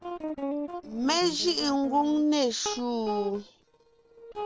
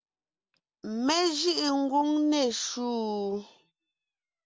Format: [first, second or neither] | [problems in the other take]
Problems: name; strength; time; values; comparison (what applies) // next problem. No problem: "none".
second | noise reduction (neural separator model SepFormer DNS4)